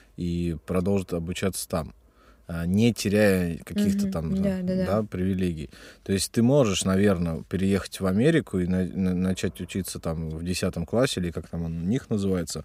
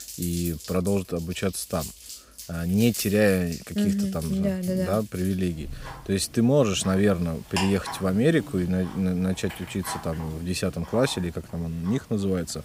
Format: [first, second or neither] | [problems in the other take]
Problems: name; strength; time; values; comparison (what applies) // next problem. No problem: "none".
first | household noises; noticeable; throughout; 15 dB below the speech